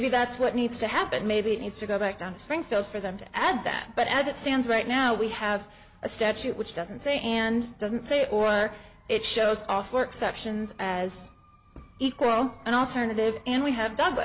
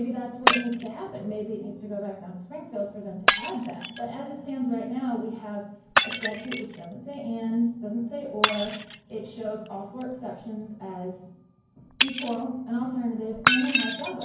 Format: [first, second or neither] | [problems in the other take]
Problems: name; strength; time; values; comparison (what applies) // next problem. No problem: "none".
first | background sound (Shatter); 1 dB above the speech // room echo; dies away in 0.9 s